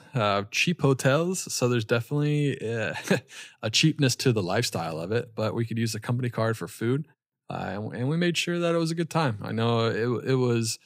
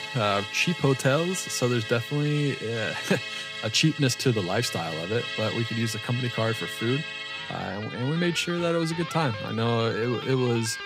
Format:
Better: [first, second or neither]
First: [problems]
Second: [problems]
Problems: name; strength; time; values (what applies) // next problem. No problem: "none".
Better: first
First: none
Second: background music; loud; throughout; 7 dB below the speech